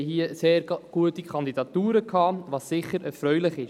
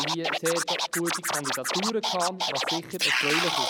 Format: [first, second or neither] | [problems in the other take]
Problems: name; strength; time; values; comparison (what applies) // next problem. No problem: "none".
first | background sound (Scratching (performance technique)); 4 dB above the speech